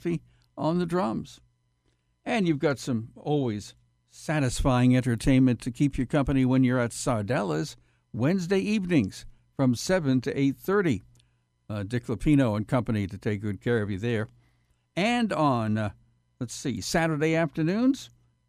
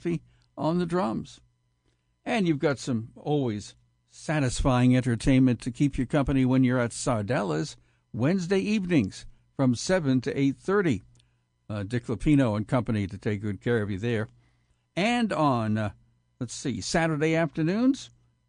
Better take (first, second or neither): first